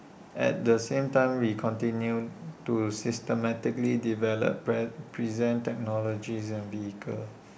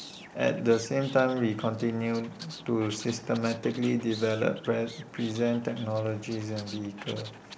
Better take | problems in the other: first | background sound (Animal); 18 dB below the speech

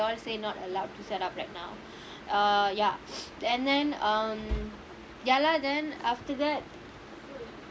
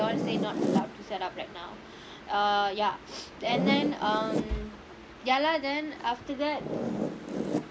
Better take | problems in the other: first | background sound (Zipper (clothing)); 3 dB below the speech

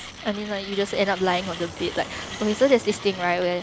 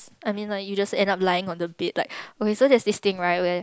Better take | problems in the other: second | background sound (Mechanisms + Fixed-wing aircraft, airplane); 12 dB below the speech

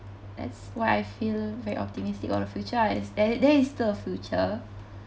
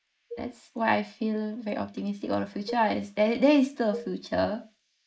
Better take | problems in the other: first | noise reduction (neural mask model Resemble Enhance denoiser)

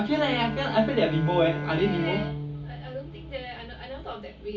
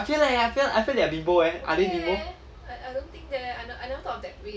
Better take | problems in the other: second | background sound (Bowed string instrument); 7 dB below the speech // room echo; dies away in 0.4 s

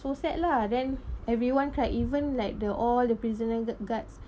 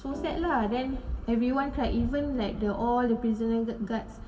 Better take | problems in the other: first | background sound (Organ); 16 dB below the speech // room echo; dies away in 1.4 s

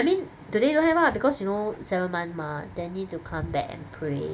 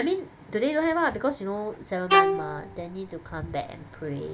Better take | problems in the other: first | background sound (Bowed string instrument); 2 dB above the speech

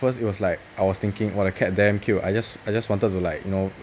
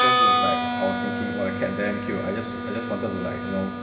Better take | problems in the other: first | background sound (Harmonica); 4 dB above the speech // room echo; dies away in 2.6 s

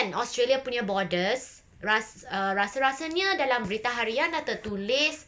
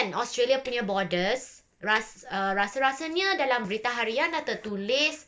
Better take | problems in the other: first | noise reduction (neural separator model SepFormer DNS4)

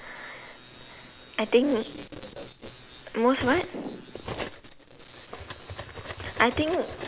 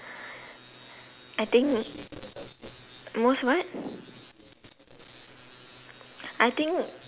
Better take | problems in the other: second | background sound (Cutlery, silverware); 12 dB below the speech

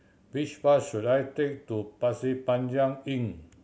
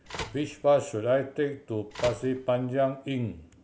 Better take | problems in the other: first | background sound (Telephone); 14 dB below the speech

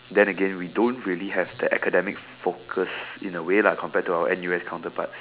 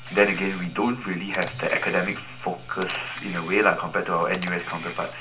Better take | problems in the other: first | background sound (Camera); 15 dB below the speech // room echo; dies away in 0.2 s

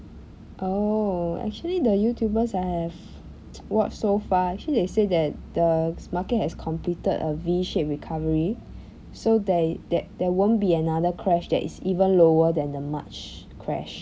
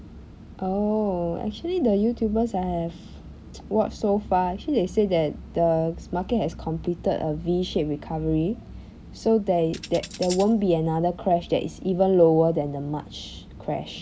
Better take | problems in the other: first | background sound (Tambourine); 15 dB below the speech

